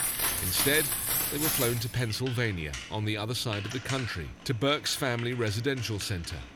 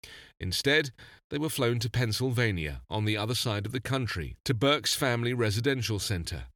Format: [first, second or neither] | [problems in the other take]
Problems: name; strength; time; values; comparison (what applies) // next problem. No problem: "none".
second | household noises; very loud; throughout; 1 dB above the speech